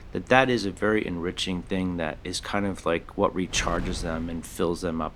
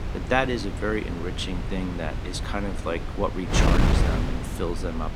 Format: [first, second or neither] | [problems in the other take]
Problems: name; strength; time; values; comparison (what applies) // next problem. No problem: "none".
first | wind noise on the microphone; heavy; 4 dB below the speech; occasional gusts in the first